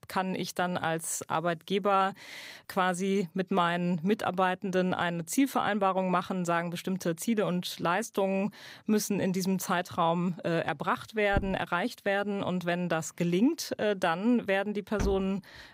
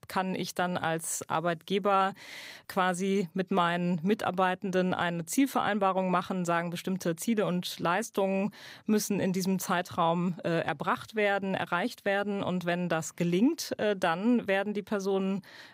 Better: second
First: footsteps; noticeable; at 11 s; peak 8 dB below the speech // door banging; noticeable; at 15 s; peak 7 dB below the speech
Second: none

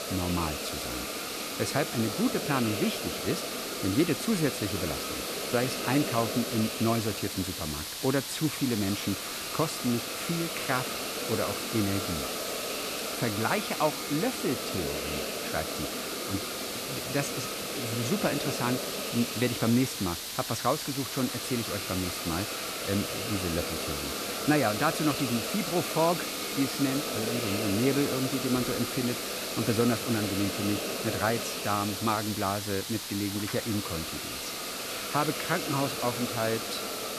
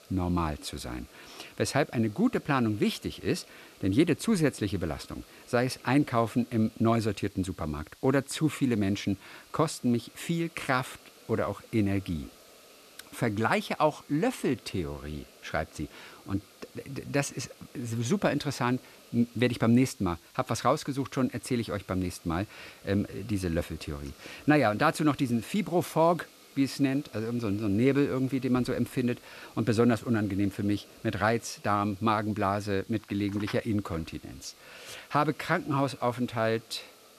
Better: second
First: hiss; loud; throughout; 1 dB below the speech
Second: hiss; faint; throughout; 25 dB below the speech

